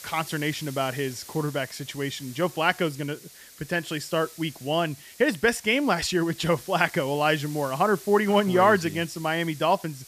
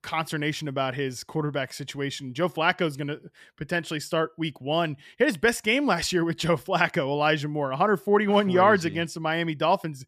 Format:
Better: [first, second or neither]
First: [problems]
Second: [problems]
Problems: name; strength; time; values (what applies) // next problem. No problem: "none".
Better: second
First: hiss; noticeable; throughout; 20 dB below the speech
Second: none